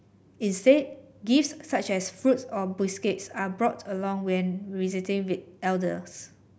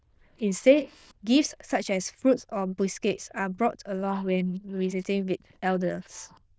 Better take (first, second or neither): first